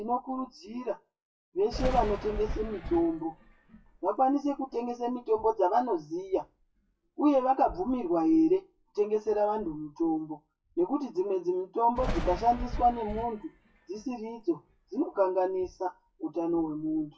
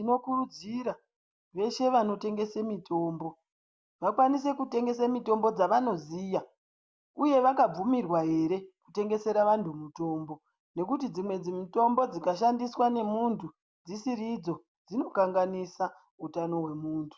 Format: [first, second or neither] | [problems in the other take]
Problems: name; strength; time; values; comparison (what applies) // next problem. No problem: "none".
second | noise reduction (classical method WPE with log-MMSE)